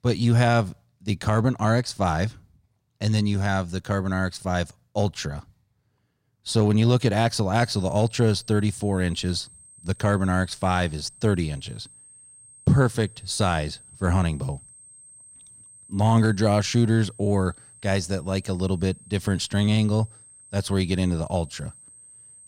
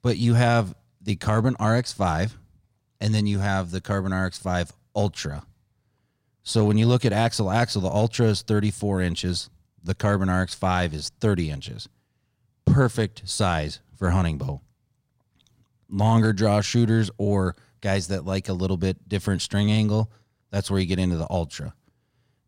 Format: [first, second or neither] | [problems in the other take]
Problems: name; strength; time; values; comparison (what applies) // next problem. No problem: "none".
second | high-pitched whine; faint; from 7.5 s on; 8.5 kHz, 25 dB below the speech